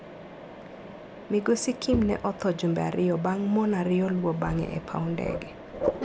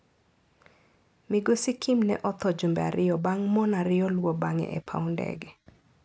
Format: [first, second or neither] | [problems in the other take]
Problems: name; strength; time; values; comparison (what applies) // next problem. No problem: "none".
second | background sound (Mechanisms + Bowed string instrument); 9 dB below the speech